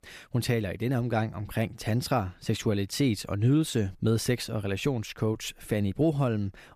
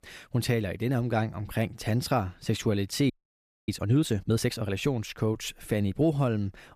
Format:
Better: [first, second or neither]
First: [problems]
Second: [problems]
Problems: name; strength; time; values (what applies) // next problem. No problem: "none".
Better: first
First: none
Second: audio freezing; at 3 s for 0.5 s